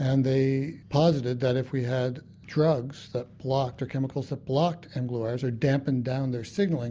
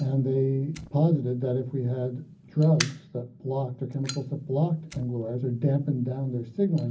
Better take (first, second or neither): first